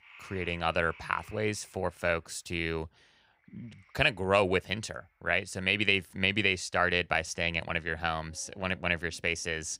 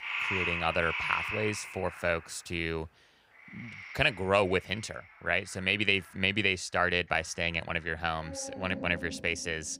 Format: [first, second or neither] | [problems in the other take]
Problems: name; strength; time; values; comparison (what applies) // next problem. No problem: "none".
first | animal sounds; loud; throughout; 6 dB below the speech; faint in the first